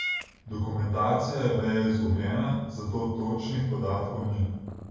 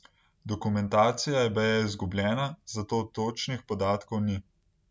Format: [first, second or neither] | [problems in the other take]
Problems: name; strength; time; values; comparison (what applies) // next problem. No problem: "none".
second | background sound (Meow / Purr); 13 dB below the speech // room echo; dies away in 1.3 s